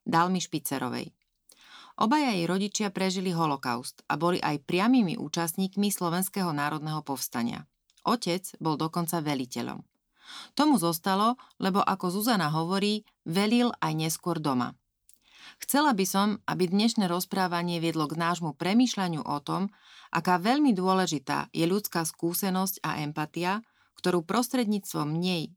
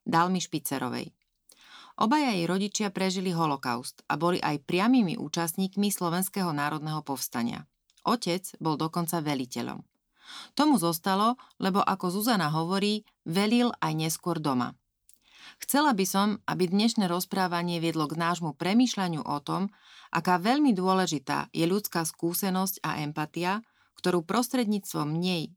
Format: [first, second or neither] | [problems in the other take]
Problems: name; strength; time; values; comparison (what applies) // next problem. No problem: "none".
neither | none